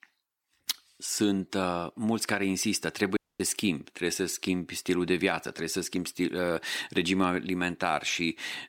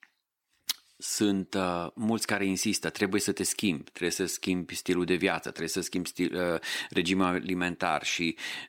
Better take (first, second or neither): second